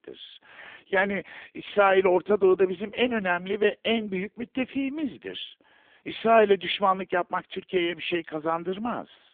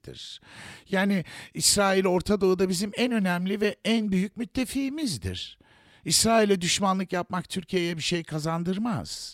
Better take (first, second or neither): second